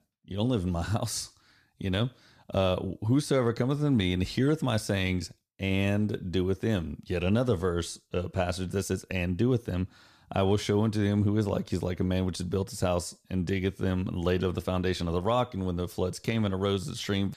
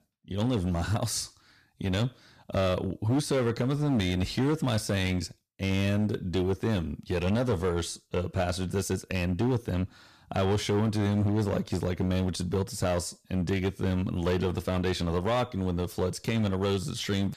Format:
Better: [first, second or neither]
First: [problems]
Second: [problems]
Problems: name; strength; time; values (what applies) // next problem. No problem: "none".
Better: first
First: none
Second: distortion; slight; 10% of the sound clipped